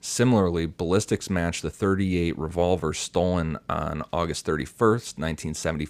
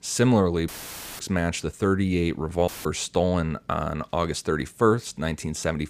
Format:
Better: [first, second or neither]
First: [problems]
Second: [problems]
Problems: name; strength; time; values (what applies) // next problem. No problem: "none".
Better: first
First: none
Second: audio cutting out; filled with static; at 0.5 s for 0.5 s and at 2.5 s